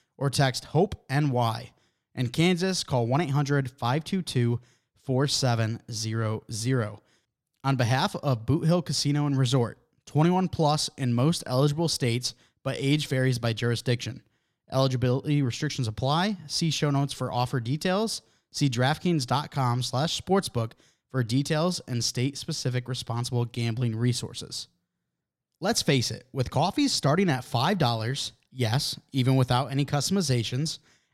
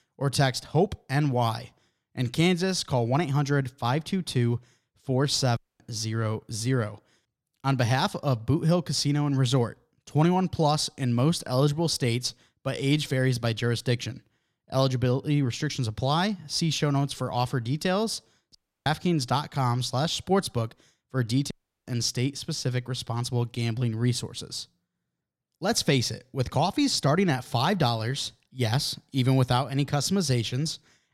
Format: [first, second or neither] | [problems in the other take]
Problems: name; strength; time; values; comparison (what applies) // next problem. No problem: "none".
first | audio cutting out; at 5.5 s, at 19 s and at 22 s